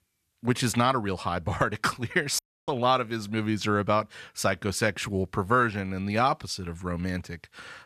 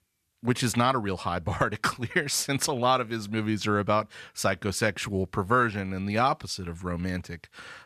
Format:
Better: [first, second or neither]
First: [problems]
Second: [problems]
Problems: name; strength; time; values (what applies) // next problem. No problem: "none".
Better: second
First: audio cutting out; at 2.5 s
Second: none